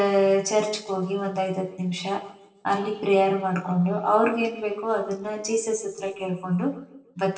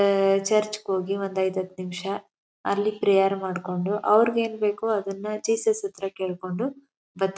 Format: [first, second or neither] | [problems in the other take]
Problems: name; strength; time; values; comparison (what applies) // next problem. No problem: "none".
second | room echo; dies away in 0.9 s